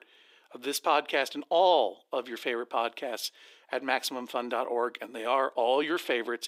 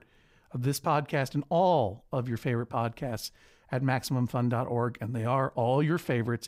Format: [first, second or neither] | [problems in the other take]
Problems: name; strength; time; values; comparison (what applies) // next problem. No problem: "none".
second | thin; very; fading below 300 Hz